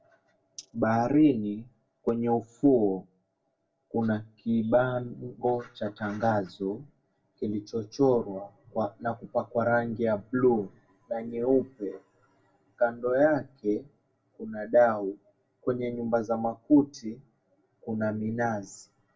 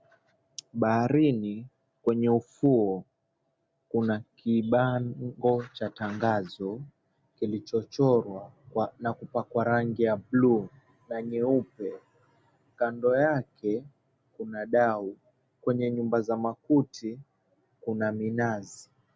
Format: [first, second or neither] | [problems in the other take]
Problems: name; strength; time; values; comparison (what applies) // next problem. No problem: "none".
second | room echo; dies away in 0.2 s